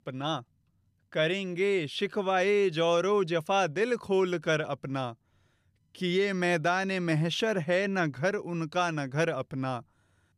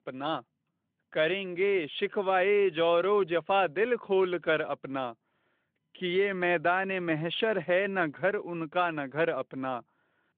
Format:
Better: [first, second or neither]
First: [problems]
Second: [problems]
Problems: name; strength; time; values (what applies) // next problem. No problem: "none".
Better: first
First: none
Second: phone-call audio; nothing above 3.5 kHz